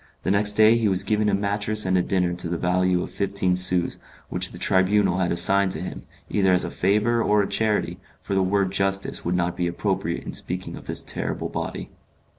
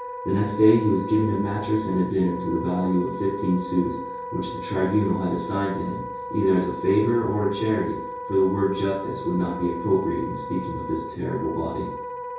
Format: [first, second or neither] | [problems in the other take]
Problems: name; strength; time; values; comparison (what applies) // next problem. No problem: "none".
first | background sound (Wind instrument, woodwind instrument); 9 dB below the speech // room echo; dies away in 0.6 s